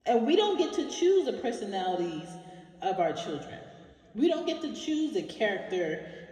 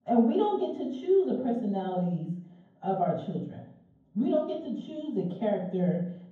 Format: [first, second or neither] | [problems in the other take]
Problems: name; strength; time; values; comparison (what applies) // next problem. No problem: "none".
first | room echo; strong; dies away in 0.9 s; slight in the first // off-mic speech; far; somewhat distant in the first